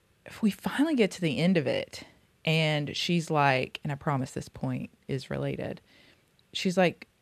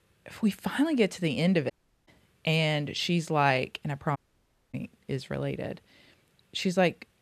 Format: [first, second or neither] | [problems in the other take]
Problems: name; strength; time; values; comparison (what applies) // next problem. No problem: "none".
first | audio cutting out; at 1.5 s and at 4 s for 0.5 s